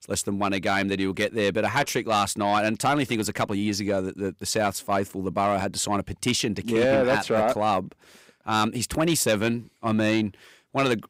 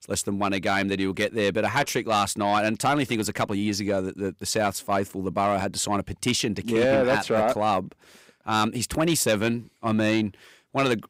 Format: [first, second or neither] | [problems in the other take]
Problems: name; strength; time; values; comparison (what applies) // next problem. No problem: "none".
neither | distortion; slight; 10 dB below the speech; the same in both